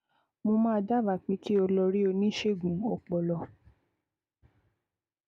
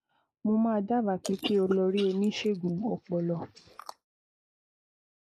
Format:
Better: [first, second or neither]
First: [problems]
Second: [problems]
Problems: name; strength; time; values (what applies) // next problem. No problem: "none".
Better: first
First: none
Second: noise reduction (neural mask model Resemble Enhance denoiser)